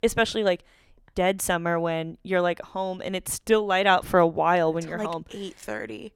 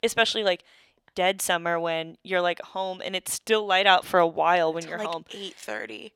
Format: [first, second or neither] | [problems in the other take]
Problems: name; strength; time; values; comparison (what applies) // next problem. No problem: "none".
first | thin; very slightly; fading below 350 Hz